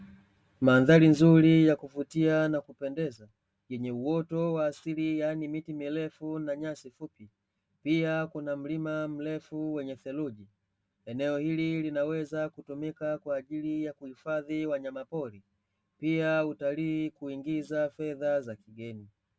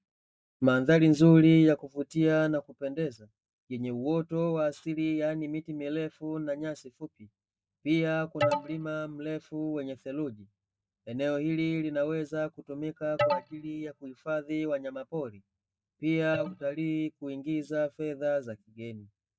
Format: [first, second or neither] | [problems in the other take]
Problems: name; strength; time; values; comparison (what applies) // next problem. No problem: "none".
first | noise reduction (neural mask model DeepFilterNet 3)